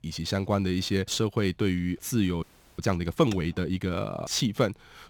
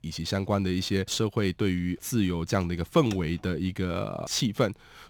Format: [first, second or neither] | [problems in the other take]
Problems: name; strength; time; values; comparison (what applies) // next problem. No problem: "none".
second | audio freezing; at 2.5 s